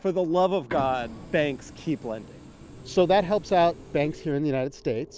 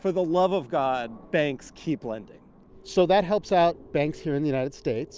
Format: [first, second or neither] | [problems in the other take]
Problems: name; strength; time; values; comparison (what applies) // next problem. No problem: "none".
second | background sound (Printer); 16 dB below the speech